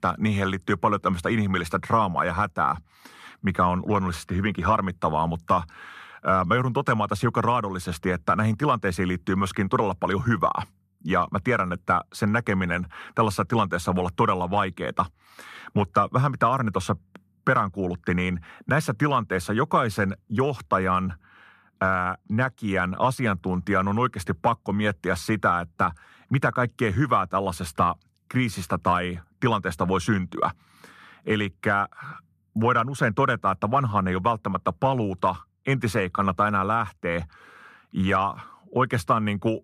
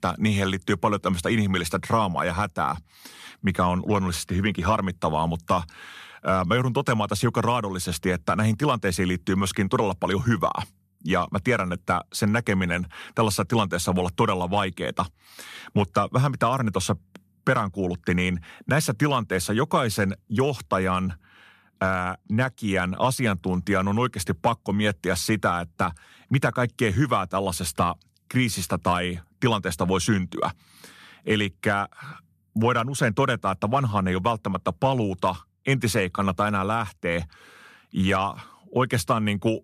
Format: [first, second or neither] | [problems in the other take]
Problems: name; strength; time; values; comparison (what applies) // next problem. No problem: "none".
second | muffled; slightly; fading above 3 kHz